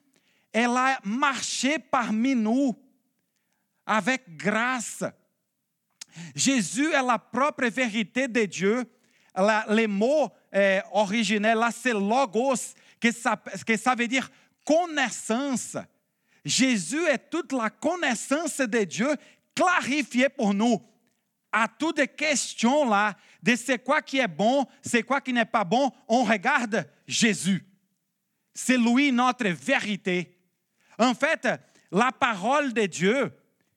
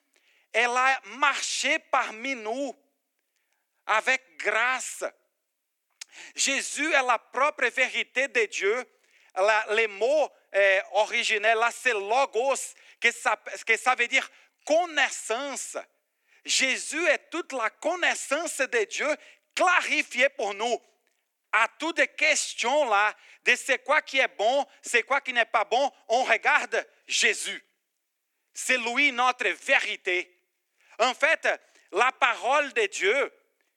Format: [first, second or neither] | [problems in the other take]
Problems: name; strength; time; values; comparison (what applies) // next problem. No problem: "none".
first | thin; very; fading below 350 Hz